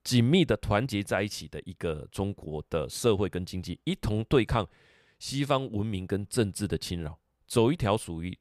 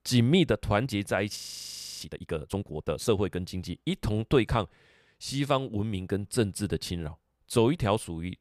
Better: first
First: none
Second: audio freezing; at 1.5 s for 0.5 s

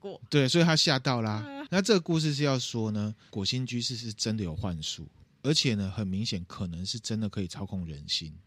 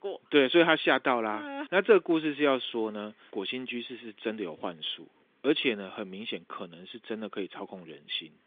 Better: first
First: none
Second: phone-call audio; nothing above 3.5 kHz

